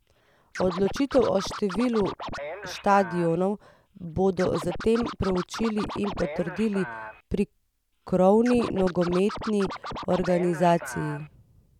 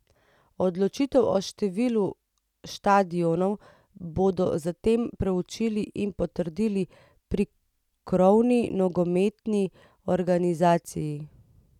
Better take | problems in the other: second | background sound (Scratching (performance technique)); 11 dB below the speech

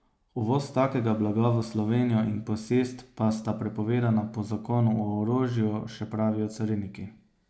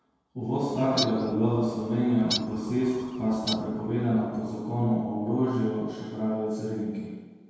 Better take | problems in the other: first | background sound (Bird); 10 dB below the speech // room echo; dies away in 1.2 s

